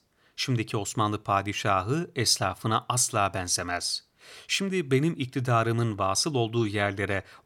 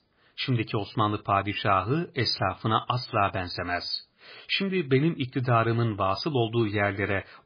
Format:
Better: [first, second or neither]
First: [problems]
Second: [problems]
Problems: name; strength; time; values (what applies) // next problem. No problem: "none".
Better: first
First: none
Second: garbled, watery; badly; nothing above 5 kHz